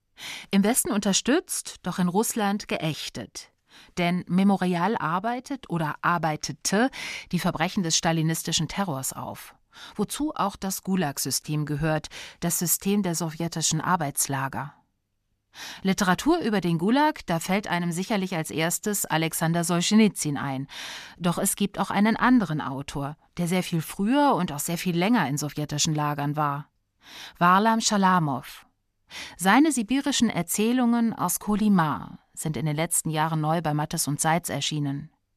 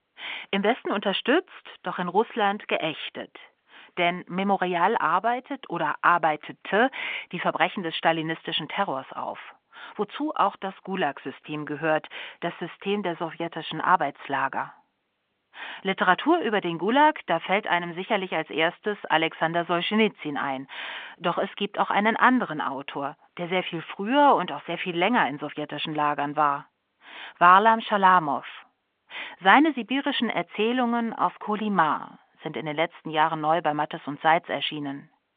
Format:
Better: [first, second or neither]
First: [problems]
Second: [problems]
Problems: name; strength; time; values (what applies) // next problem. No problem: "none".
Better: first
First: none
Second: phone-call audio; nothing above 3 kHz